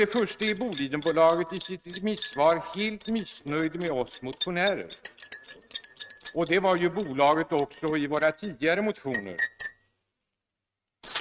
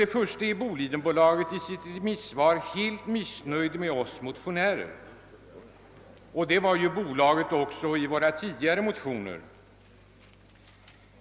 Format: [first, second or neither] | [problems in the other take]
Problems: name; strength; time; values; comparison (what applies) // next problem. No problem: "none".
second | noise reduction (neural mask model RNNoise)